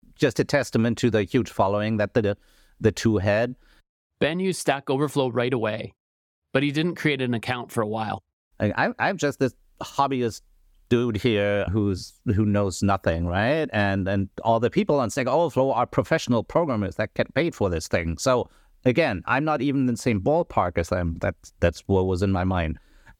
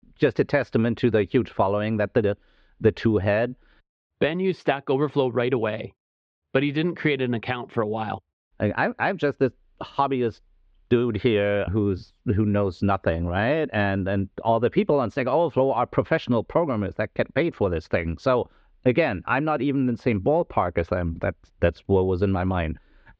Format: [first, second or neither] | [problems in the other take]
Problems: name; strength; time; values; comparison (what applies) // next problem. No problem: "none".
first | muffled; slightly; fading above 3.5 kHz